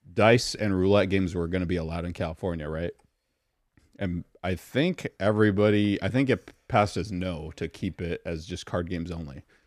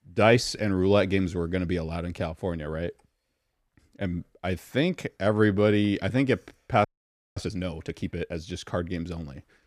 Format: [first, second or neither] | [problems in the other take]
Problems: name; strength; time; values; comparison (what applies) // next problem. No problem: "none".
first | audio freezing; at 7 s for 0.5 s